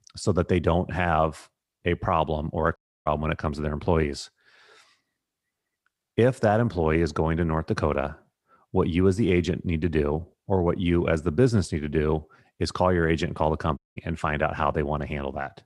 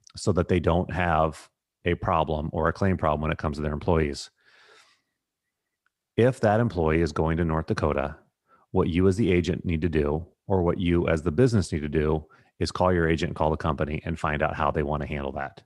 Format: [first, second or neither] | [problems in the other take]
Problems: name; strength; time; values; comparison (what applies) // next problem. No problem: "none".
second | audio cutting out; at 3 s and at 14 s